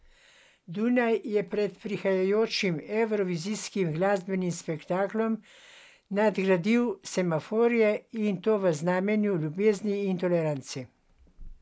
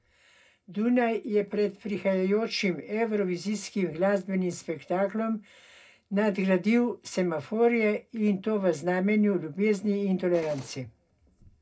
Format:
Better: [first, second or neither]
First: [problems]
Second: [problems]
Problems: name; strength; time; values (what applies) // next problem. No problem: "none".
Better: first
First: none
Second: noise reduction (neural separator model SepFormer DNS4)